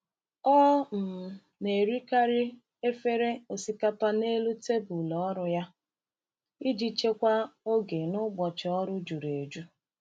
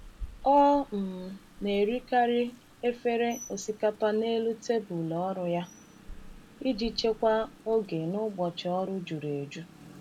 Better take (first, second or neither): first